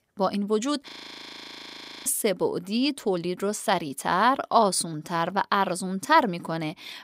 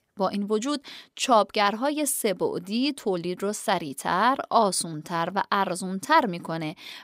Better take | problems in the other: second | audio freezing; at 1 s for 1 s

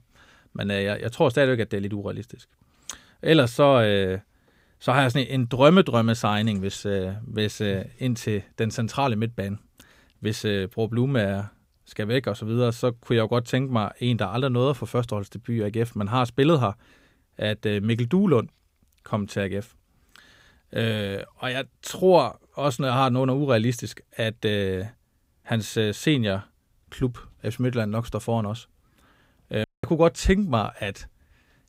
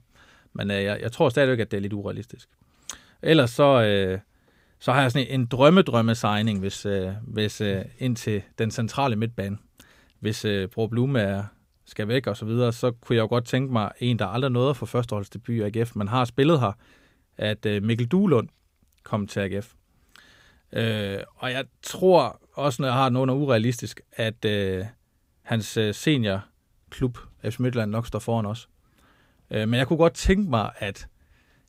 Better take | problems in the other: second | audio cutting out; at 30 s

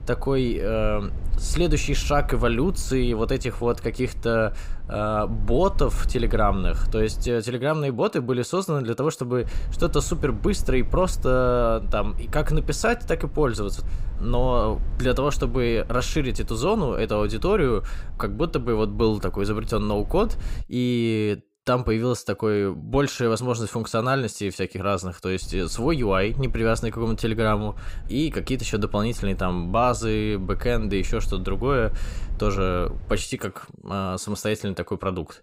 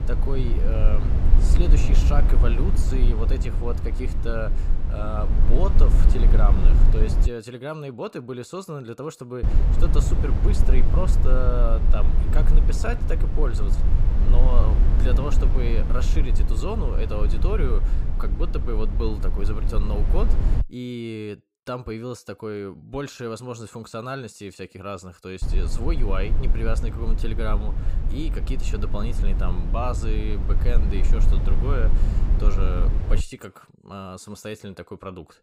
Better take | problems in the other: first | low rumble; loud; until 7.5 s, from 9.5 to 21 s and from 25 to 33 s; 5 dB below the speech; faint in the first

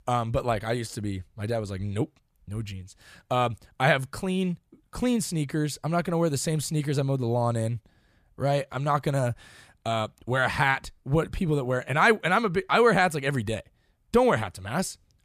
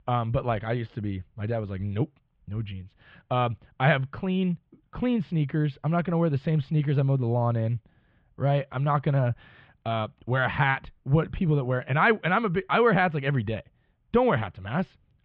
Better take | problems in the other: first | muffled; very; fading above 3 kHz

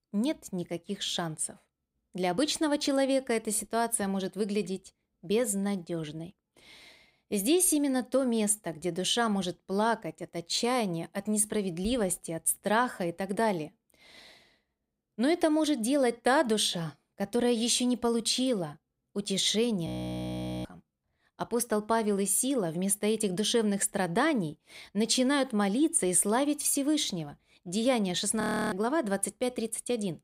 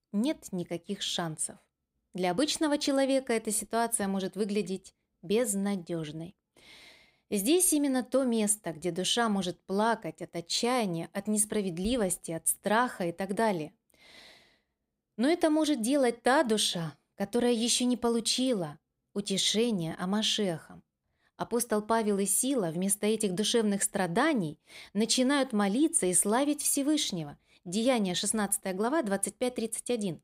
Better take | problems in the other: second | audio freezing; at 20 s for 1 s and at 28 s

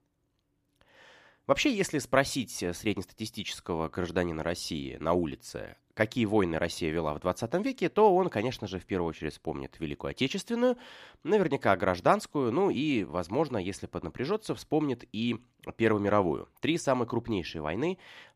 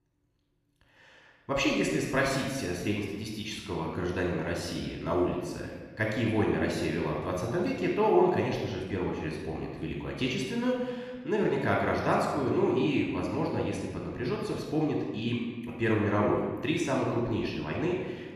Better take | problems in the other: first | off-mic speech; somewhat distant // room echo; noticeable; dies away in 1.3 s

